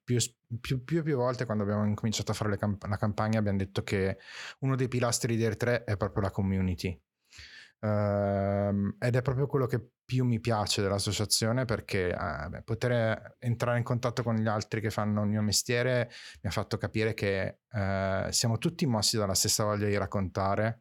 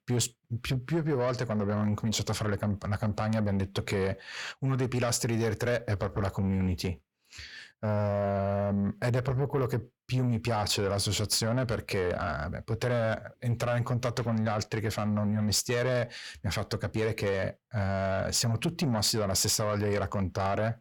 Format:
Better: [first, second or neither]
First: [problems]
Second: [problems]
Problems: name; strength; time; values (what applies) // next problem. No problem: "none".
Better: first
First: none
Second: distortion; slight; 10 dB below the speech